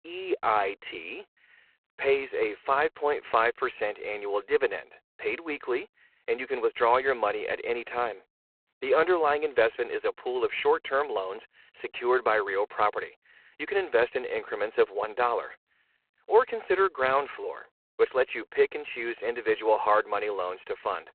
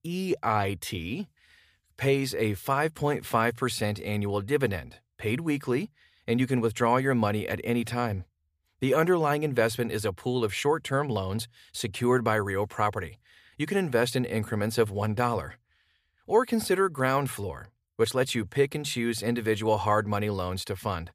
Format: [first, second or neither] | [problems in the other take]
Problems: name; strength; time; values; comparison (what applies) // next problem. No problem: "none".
second | phone-call audio; poor line; nothing above 4 kHz